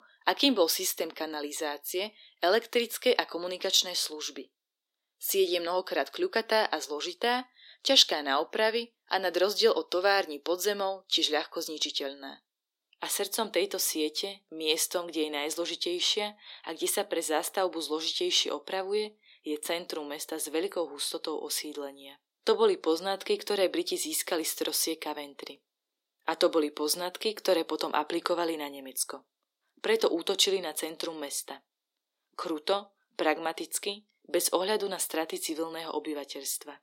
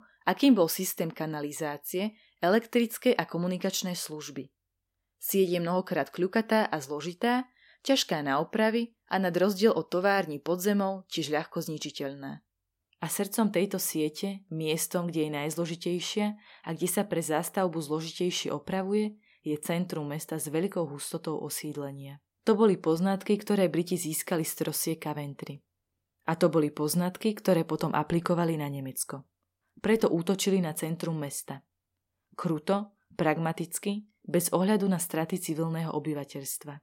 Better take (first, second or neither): second